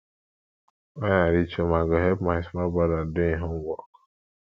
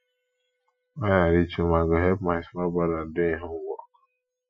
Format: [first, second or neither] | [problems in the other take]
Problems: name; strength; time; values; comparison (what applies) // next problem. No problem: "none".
first | noise reduction (classical method Wiener filter)